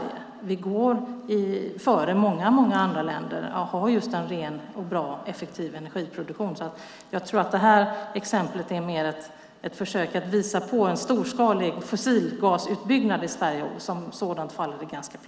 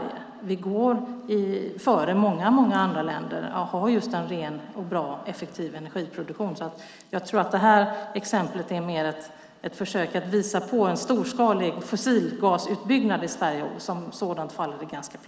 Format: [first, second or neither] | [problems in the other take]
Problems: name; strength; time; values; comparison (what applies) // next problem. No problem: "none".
first | noise reduction (neural mask model Resemble Enhance denoiser)